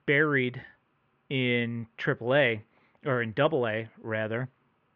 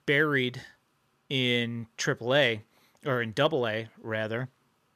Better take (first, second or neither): second